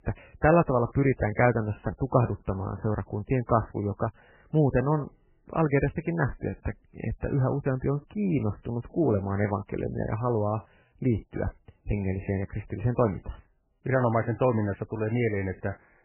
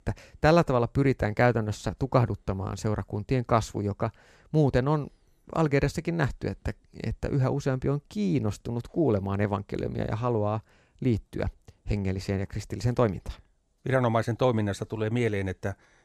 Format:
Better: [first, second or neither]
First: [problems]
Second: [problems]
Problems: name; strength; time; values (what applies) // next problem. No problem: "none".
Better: second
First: garbled, watery; badly; nothing above 2.5 kHz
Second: none